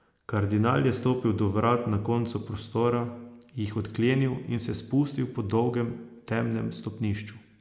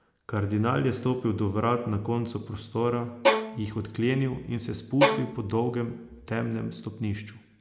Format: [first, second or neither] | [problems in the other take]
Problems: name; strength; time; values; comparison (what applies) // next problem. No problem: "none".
first | background sound (Bowed string instrument); 1 dB below the speech